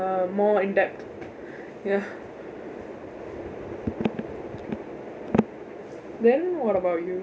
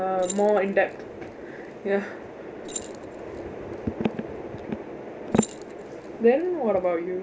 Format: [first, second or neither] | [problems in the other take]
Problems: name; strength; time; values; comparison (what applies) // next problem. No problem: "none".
first | background sound (Keys jangling); 16 dB below the speech